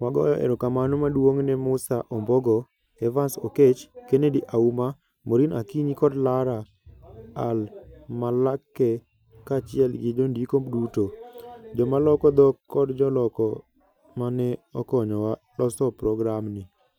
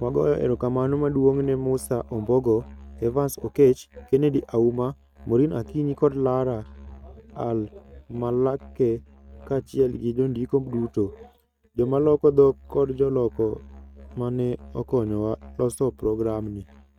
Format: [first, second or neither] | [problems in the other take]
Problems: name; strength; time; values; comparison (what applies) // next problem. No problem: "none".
first | noise reduction (neural mask model RNNoise)